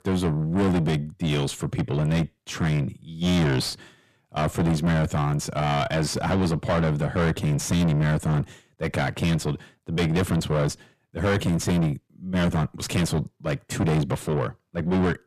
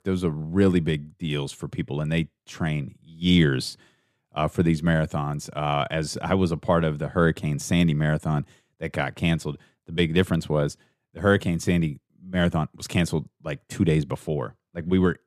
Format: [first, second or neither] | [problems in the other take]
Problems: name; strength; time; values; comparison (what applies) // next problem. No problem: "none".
second | distortion; heavy; 5 dB below the speech